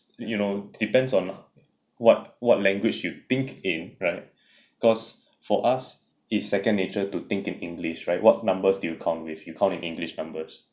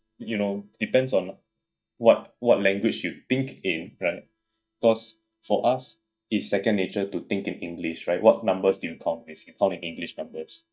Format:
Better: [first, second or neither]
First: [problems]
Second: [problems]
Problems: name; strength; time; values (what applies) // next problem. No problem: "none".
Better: first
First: none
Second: noise reduction (neural mask model DeepFilterNet 3)